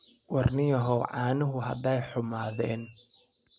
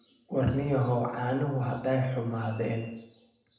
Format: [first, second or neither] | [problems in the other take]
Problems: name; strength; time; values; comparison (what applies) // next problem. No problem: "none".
first | room echo; dies away in 0.7 s